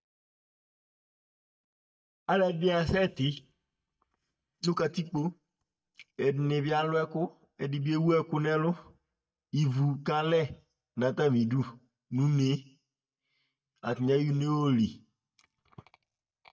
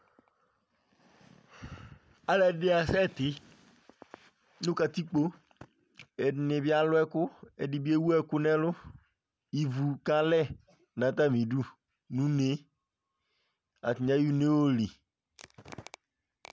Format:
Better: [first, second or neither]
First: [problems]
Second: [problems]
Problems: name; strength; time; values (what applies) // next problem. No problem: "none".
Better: second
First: noise reduction (neural mask model DeepFilterNet 3)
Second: none